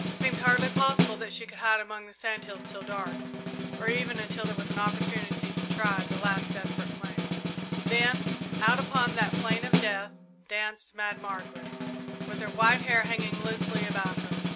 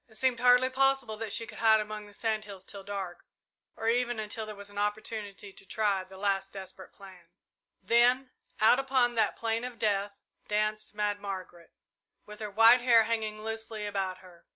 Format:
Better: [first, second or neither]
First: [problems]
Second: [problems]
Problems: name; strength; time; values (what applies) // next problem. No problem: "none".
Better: second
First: background sound (Snare drum); 1 dB below the speech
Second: none